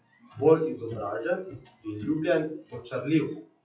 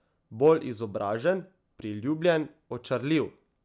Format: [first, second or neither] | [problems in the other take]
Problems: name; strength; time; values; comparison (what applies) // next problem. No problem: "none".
second | noise reduction (classical method WPE with log-MMSE)